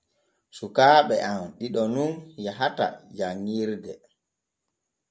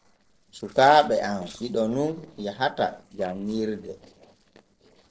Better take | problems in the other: first | noise reduction (neural separator model SepFormer DNS4)

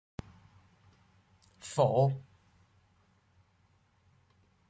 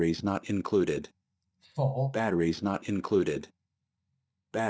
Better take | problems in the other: first | noise reduction (neural mask model DeepFilterNet 3)

